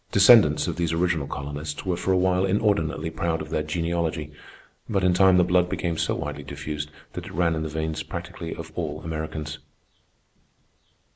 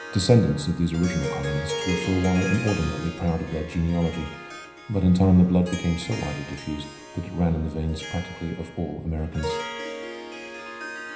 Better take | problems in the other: first | background sound (Harp); 11 dB below the speech // room echo; dies away in 0.9 s

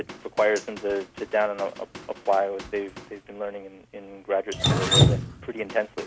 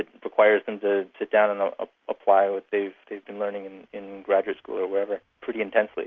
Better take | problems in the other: second | background sound (Drip); as loud as the speech

